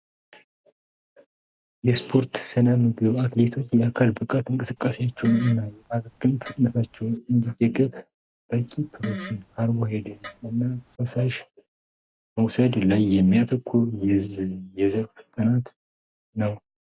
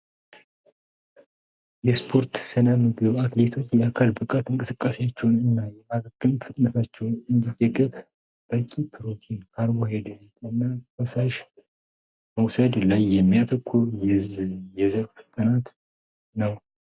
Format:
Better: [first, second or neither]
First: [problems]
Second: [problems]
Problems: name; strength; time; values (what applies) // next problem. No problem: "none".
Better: second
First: background sound (Fart); 15 dB below the speech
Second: none